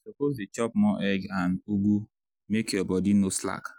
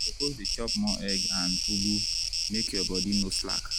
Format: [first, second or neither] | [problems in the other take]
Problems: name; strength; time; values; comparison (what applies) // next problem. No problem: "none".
first | background sound (Insect); 3 dB above the speech